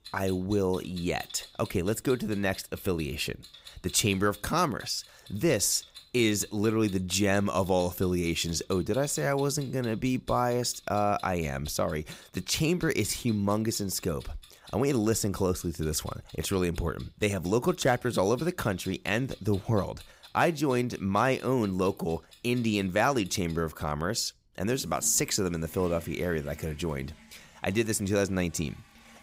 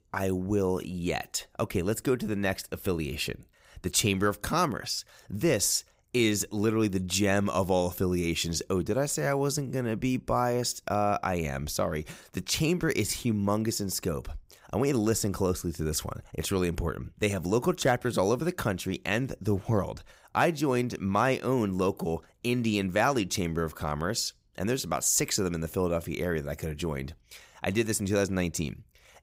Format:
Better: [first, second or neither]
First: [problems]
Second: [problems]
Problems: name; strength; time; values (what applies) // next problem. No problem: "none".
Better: second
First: household noises; faint; throughout; 20 dB below the speech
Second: none